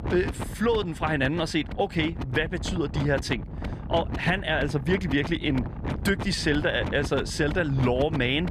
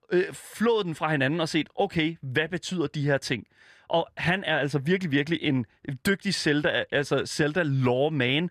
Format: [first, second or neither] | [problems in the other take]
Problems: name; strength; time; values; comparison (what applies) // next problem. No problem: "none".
second | wind noise on the microphone; occasional gusts; 10 dB below the speech